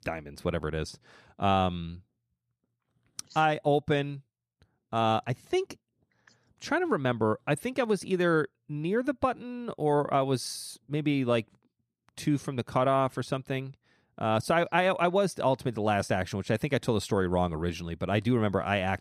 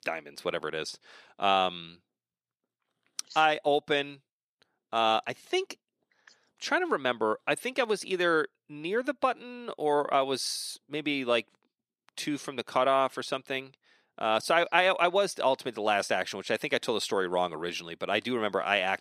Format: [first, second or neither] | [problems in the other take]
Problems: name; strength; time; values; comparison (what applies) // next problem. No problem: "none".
first | thin; somewhat; fading below 350 Hz